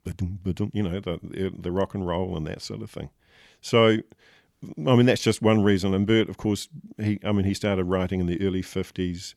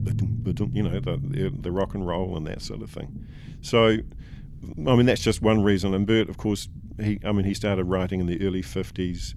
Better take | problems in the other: first | low rumble; faint; throughout; 20 dB below the speech

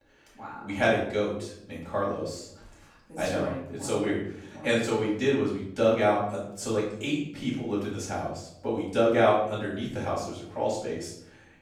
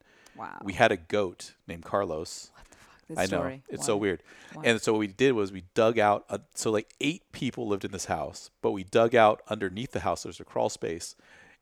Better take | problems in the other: second | off-mic speech; far // room echo; noticeable; dies away in 0.7 s

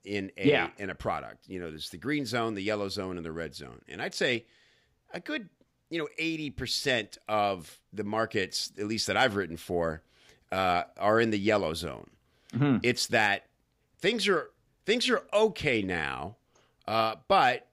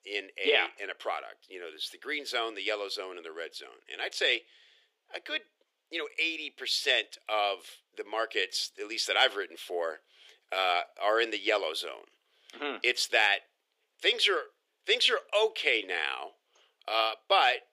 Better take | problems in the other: first | thin; very; fading below 350 Hz

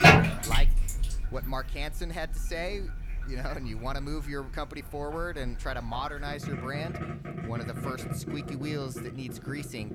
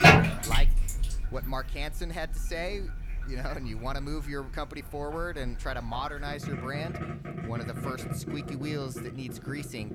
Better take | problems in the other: neither | household noises; very loud; throughout; 4 dB above the speech; the same in both

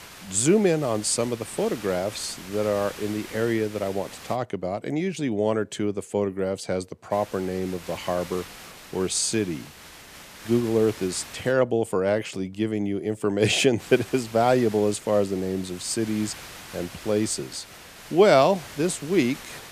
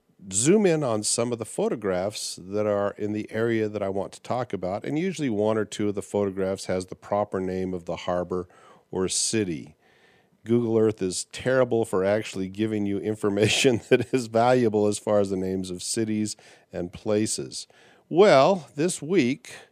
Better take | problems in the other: second | hiss; noticeable; until 4.5 s, from 7 to 12 s and from 14 s on; 15 dB below the speech

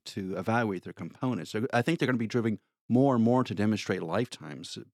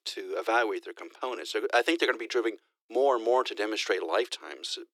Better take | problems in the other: first | thin; very; fading below 350 Hz

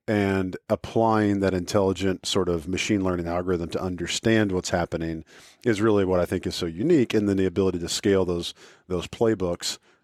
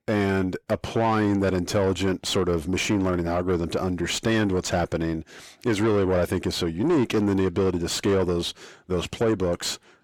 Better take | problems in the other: first | distortion; slight; 10 dB below the speech

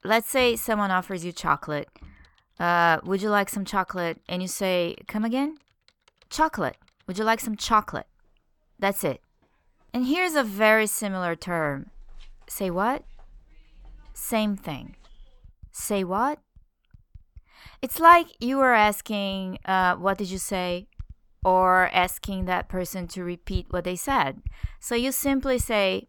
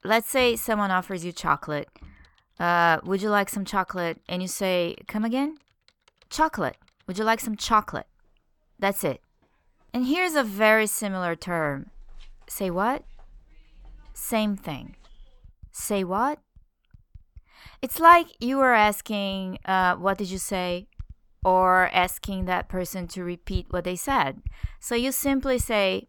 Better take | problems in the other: neither | household noises; faint; throughout; 20 dB below the speech; the same in both

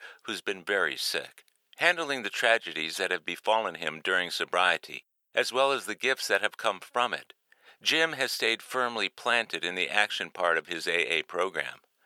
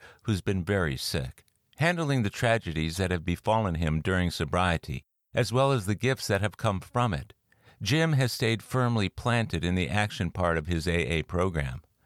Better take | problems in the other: second | thin; very; fading below 400 Hz

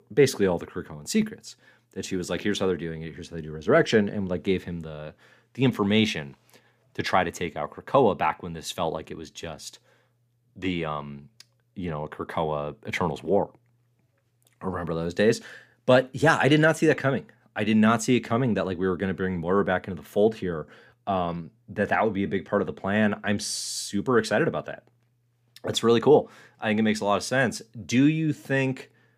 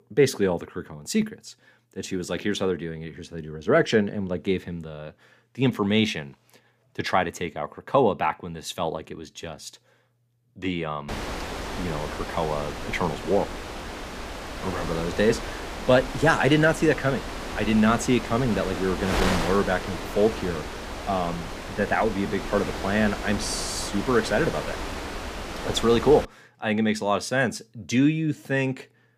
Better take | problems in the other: first | wind noise on the microphone; heavy; from 11 to 26 s; 7 dB below the speech

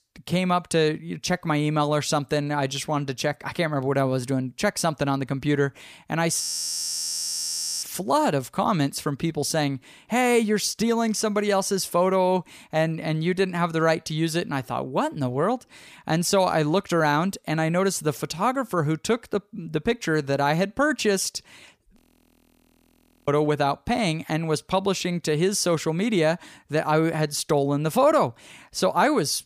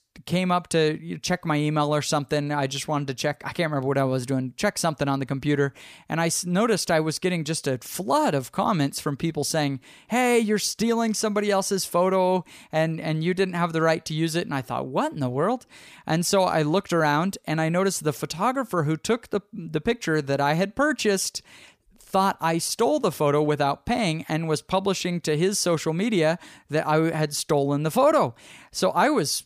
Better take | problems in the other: second | audio freezing; at 6.5 s for 1.5 s and at 22 s for 1.5 s

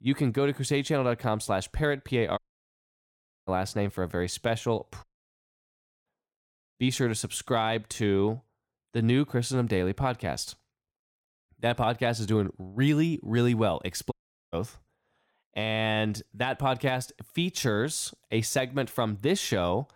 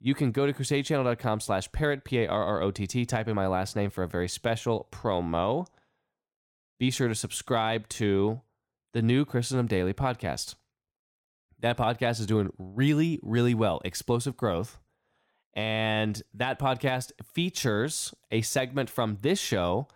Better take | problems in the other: second | audio cutting out; at 2.5 s for 1 s, at 5 s for 1 s and at 14 s

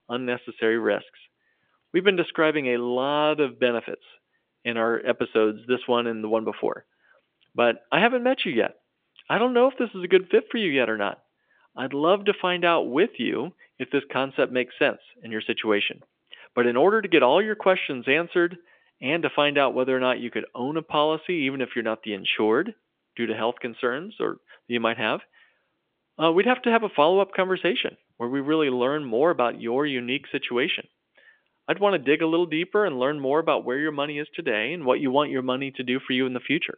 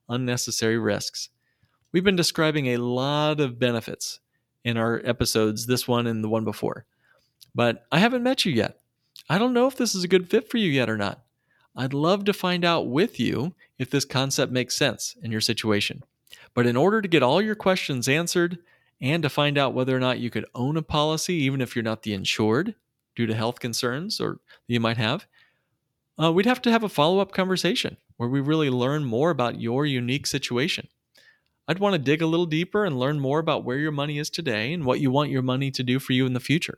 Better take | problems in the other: second | phone-call audio; nothing above 3.5 kHz

